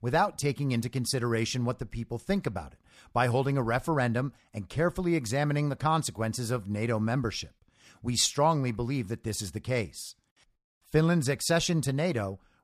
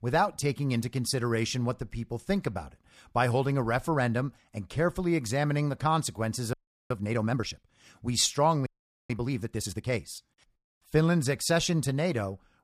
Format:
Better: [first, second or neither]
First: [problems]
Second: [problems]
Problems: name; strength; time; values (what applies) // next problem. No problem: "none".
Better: first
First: none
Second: audio freezing; at 6.5 s and at 8.5 s